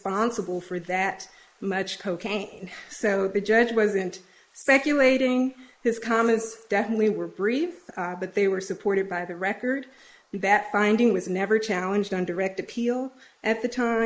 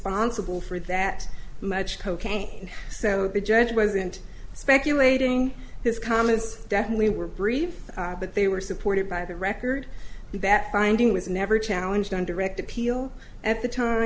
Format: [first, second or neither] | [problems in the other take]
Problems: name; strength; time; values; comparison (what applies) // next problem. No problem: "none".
second | noise reduction (neural mask model Resemble Enhance denoiser)